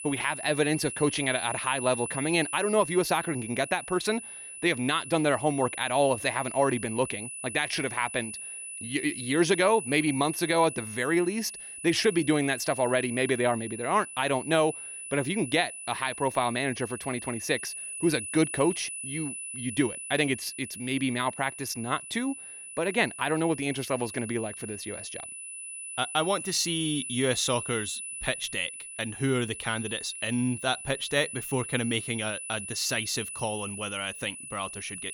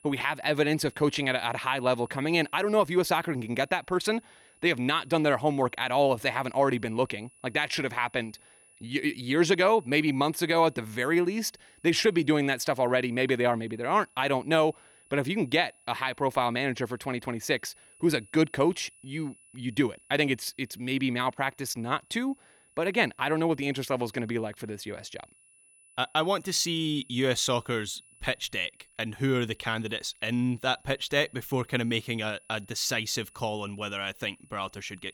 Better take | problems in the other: second | high-pitched whine; loud; throughout; 10 kHz, 8 dB below the speech; faint in the second

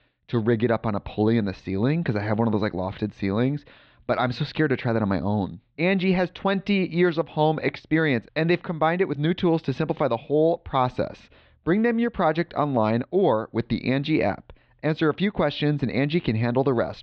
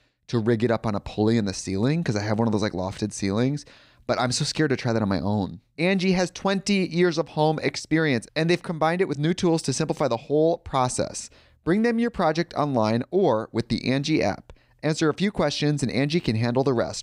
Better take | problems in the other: second | muffled; slightly; fading above 3.5 kHz

